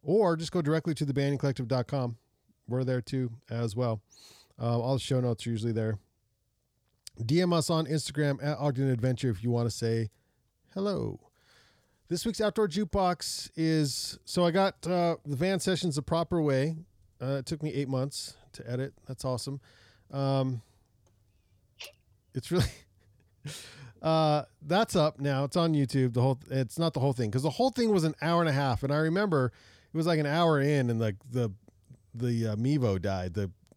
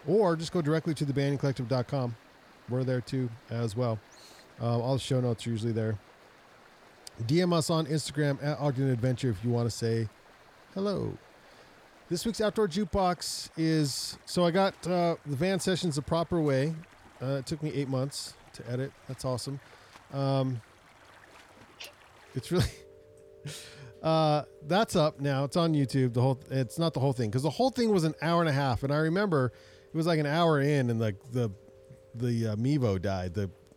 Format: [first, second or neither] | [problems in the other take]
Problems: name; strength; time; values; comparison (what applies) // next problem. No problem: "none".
first | rain or running water; faint; throughout; 25 dB below the speech